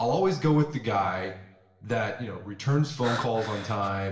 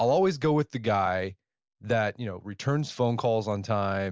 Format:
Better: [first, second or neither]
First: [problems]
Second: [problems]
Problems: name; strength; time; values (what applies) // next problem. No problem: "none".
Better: second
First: background sound (Breathing); 10 dB below the speech // room echo; dies away in 0.8 s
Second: none